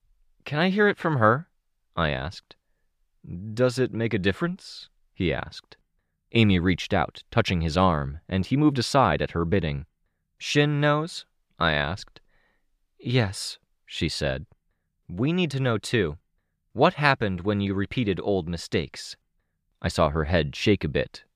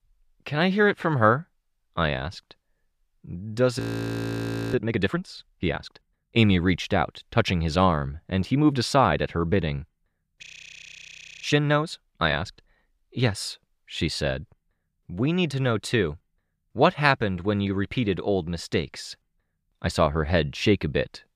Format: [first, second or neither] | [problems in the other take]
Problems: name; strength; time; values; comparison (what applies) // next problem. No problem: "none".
first | audio freezing; at 4 s for 1 s and at 10 s for 1 s